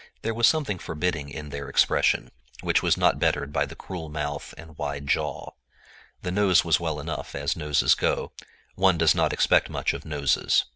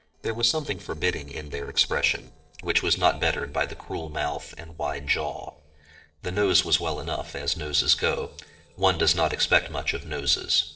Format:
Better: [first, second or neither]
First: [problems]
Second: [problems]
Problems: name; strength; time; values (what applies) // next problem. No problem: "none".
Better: first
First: none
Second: noise reduction (neural separator model SepFormer DNS4)